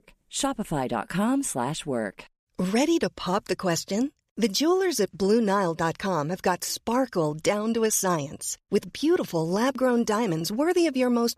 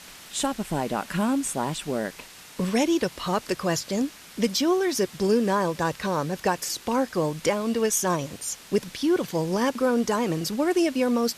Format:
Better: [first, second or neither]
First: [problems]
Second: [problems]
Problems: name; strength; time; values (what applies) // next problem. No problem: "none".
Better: first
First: none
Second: hiss; noticeable; throughout; 20 dB below the speech